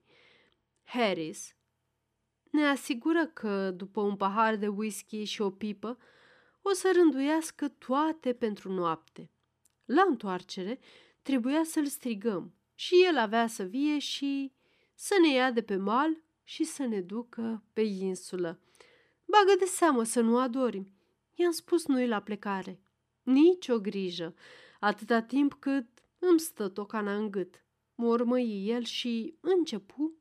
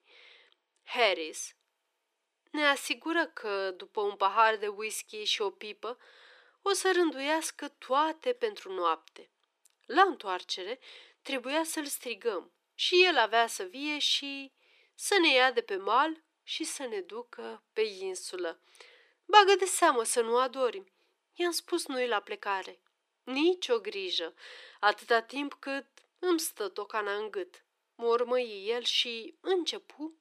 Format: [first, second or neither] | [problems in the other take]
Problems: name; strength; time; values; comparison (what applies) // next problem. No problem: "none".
first | thin; very; fading below 400 Hz